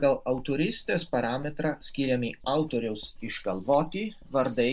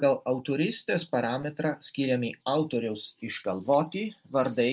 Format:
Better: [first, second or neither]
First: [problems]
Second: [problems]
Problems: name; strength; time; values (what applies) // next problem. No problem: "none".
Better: second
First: background sound (Writing); 16 dB below the speech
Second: none